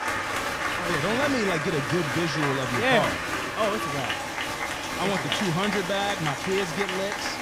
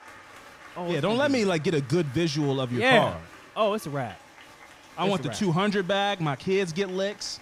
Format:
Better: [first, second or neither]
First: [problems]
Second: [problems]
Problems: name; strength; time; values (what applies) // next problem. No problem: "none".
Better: second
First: crowd noise; loud; throughout; 1 dB below the speech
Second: crowd noise; faint; throughout; 20 dB below the speech